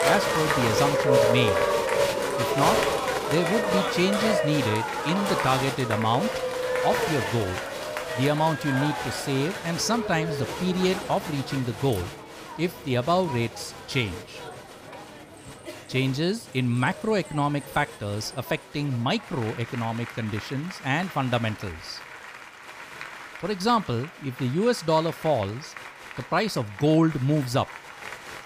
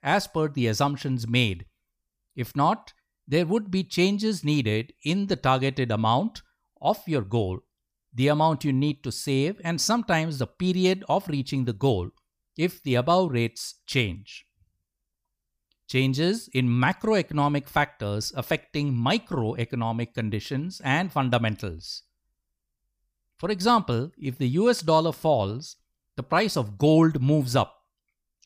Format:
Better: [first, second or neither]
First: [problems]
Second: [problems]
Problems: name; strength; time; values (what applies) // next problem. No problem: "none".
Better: second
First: crowd noise; loud; throughout; 2 dB below the speech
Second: none